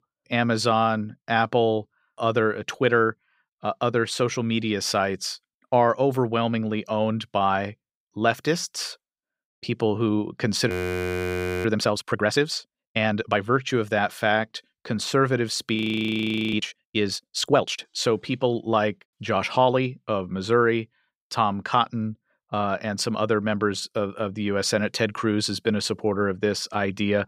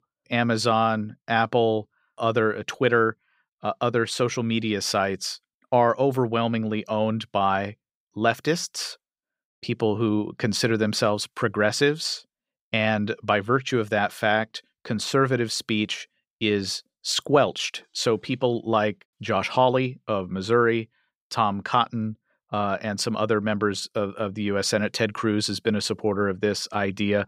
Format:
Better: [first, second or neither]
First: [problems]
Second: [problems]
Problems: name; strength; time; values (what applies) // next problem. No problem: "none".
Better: second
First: audio freezing; at 11 s for 1 s and at 16 s for 1 s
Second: none